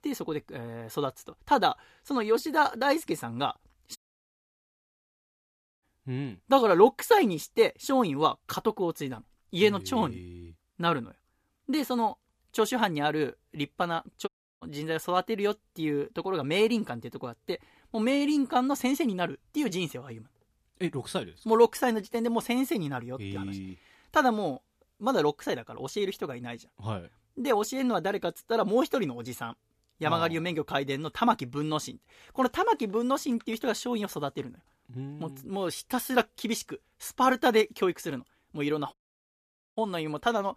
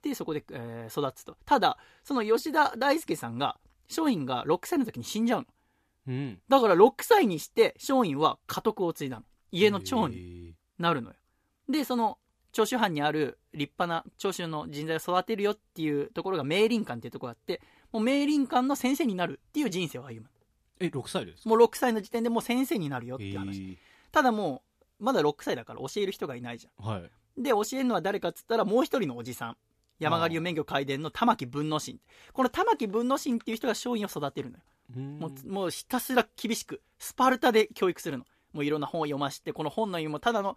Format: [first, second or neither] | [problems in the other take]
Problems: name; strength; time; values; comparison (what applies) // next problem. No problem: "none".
second | audio cutting out; at 4 s for 2 s, at 14 s and at 39 s for 1 s